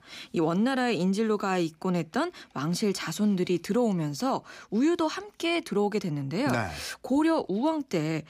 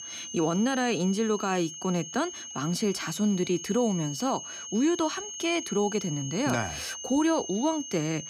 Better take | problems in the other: first | high-pitched whine; loud; throughout; 6.5 kHz, 9 dB below the speech

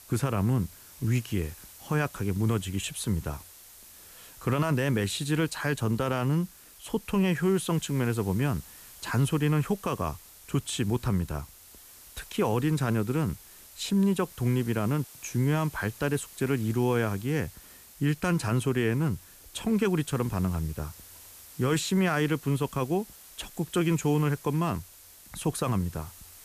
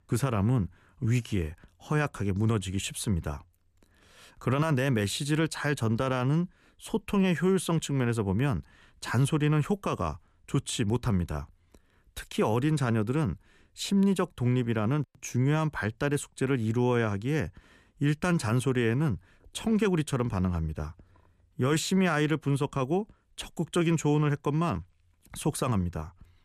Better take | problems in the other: second | hiss; noticeable; throughout; 20 dB below the speech

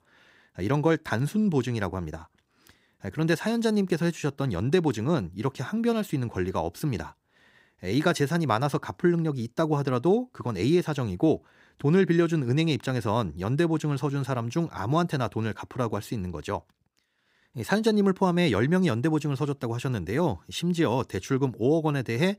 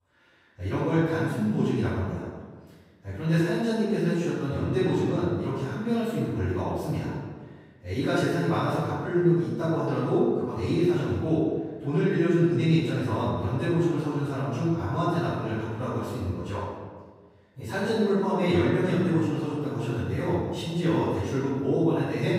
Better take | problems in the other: first | off-mic speech; far // room echo; strong; dies away in 1.3 s

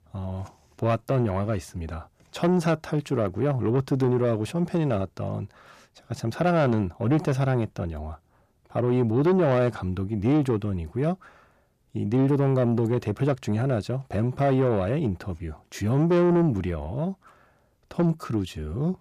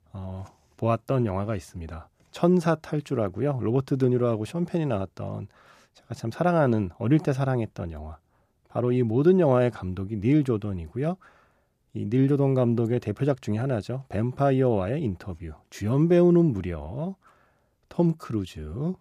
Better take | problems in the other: second | distortion; slight; 10 dB below the speech

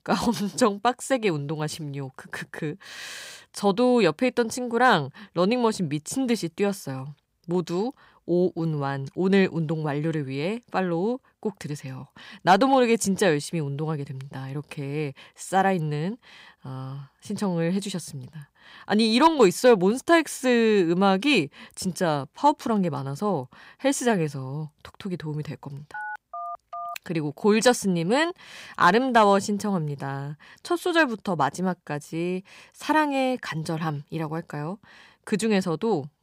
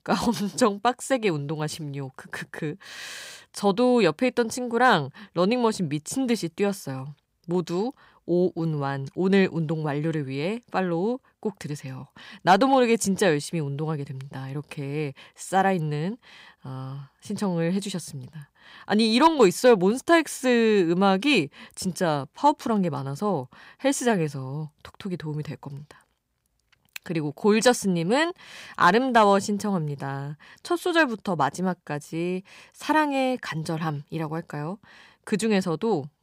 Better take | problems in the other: second | phone ringing; faint; from 26 to 27 s; peak 10 dB below the speech

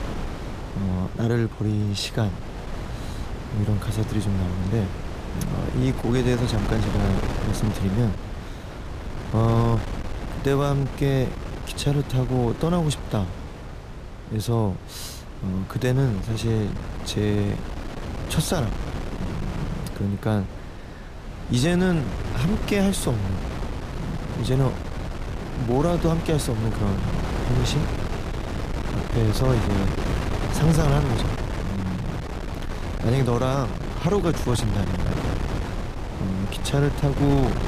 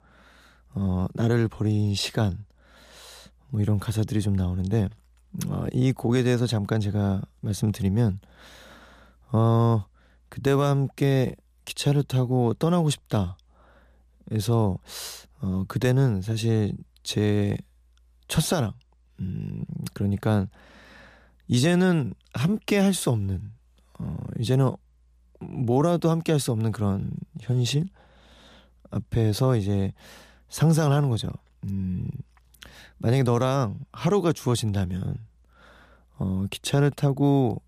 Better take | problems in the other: second | wind noise on the microphone; heavy; 6 dB below the speech

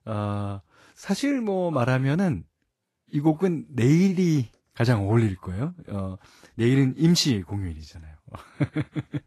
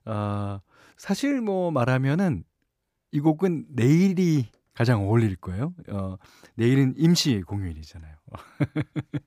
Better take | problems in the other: second | garbled, watery; slightly; nothing above 12.5 kHz

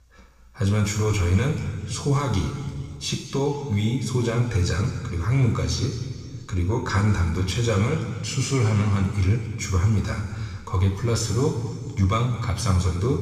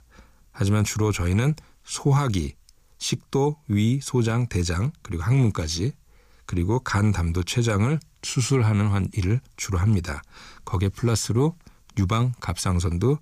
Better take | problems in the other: second | room echo; noticeable; dies away in 2 s // off-mic speech; somewhat distant

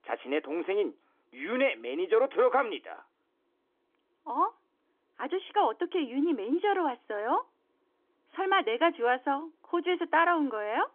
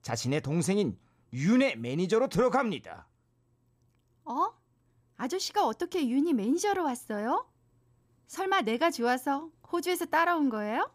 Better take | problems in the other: second | phone-call audio; nothing above 3.5 kHz

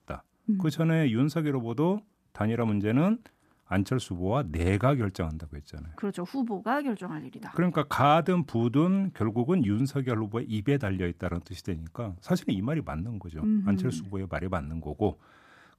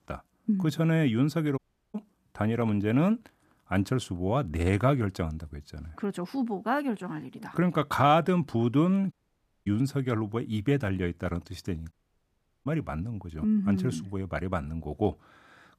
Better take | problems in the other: first | audio cutting out; at 1.5 s, at 9 s for 0.5 s and at 12 s for 0.5 s

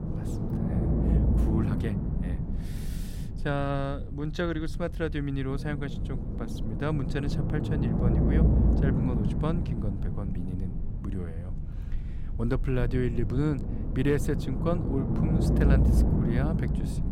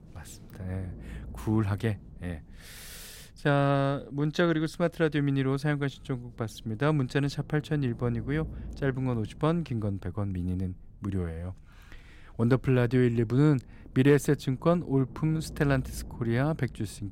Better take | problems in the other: second | low rumble; loud; throughout; 2 dB below the speech; faint in the second

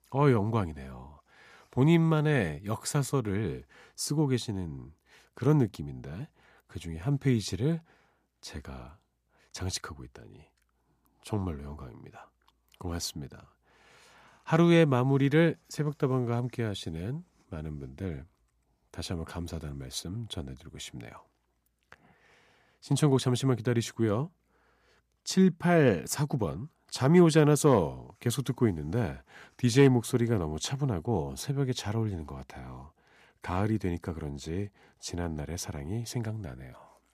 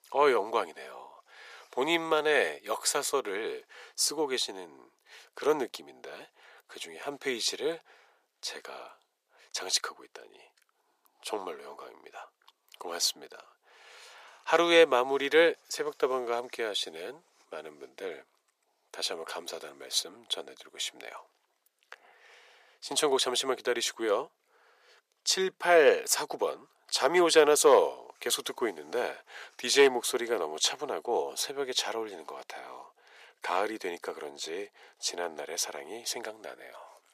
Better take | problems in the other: first | thin; very; fading below 450 Hz

